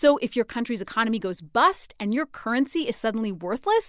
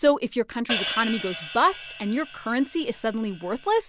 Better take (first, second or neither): first